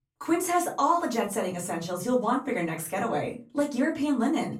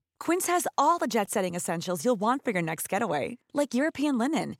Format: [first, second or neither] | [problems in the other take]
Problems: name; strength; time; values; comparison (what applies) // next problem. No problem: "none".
second | off-mic speech; far // room echo; very slight; dies away in 0.2 s